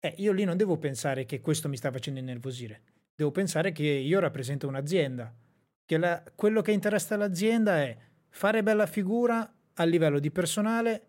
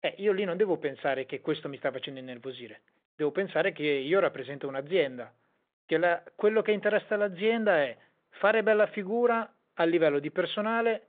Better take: first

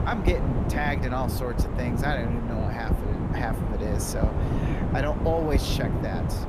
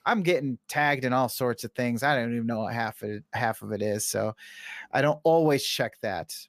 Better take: second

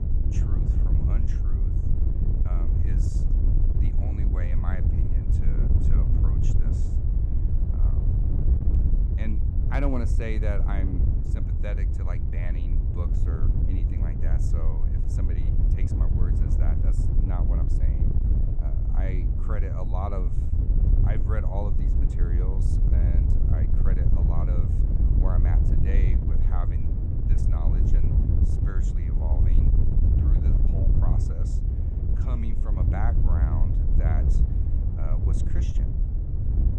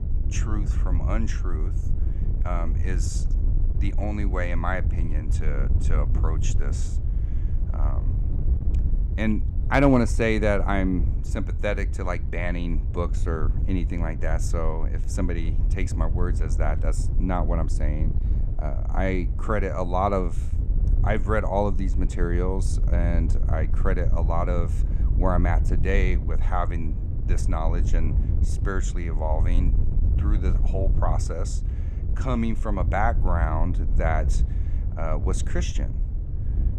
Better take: second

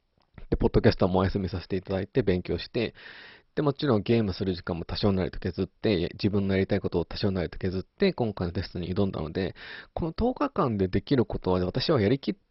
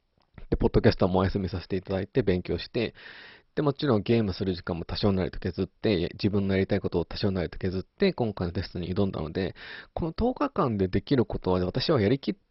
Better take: neither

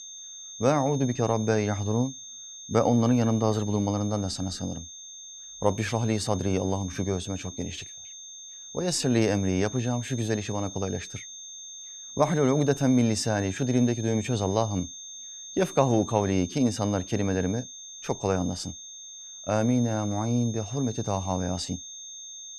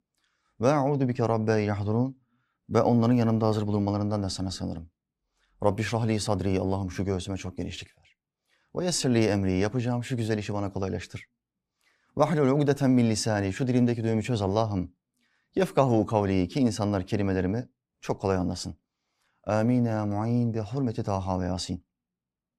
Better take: second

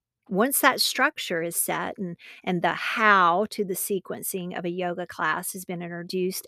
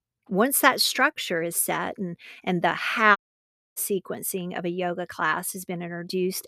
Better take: first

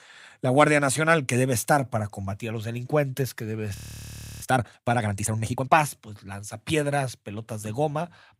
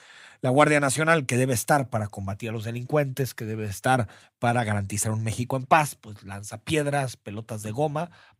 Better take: second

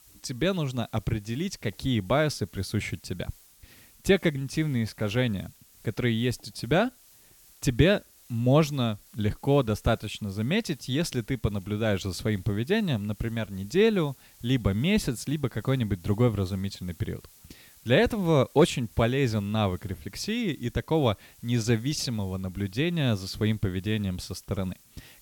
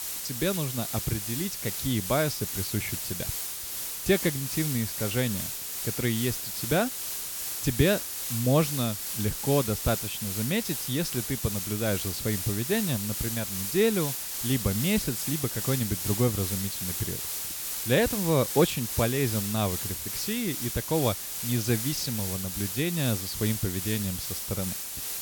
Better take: first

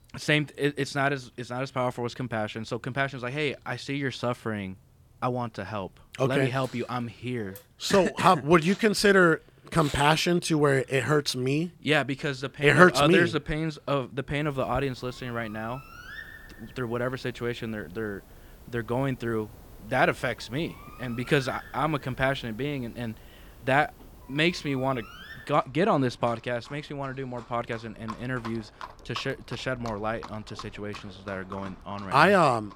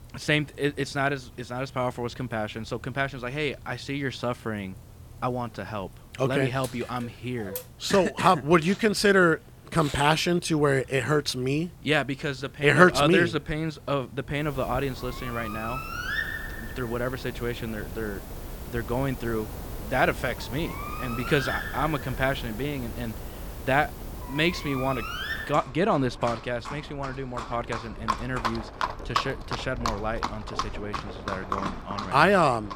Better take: first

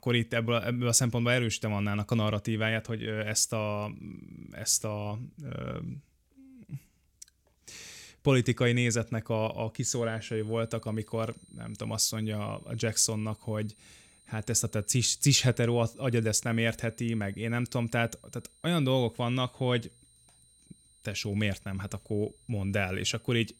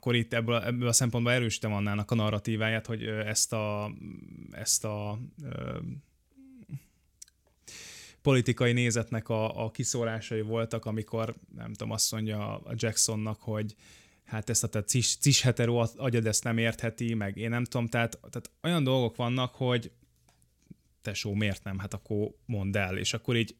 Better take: second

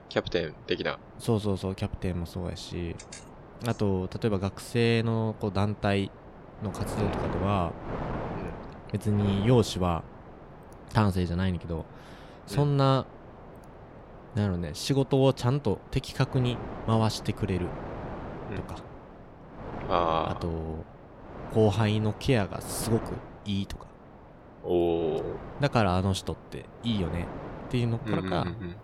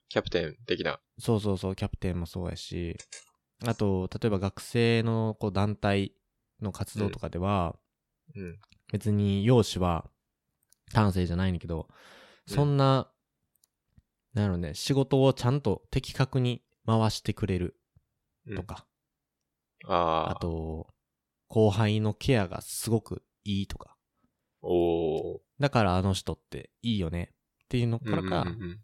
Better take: second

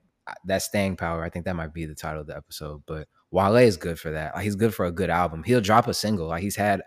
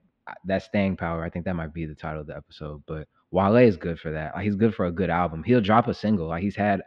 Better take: first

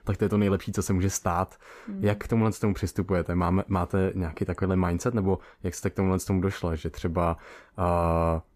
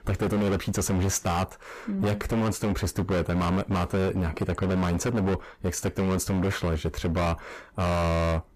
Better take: first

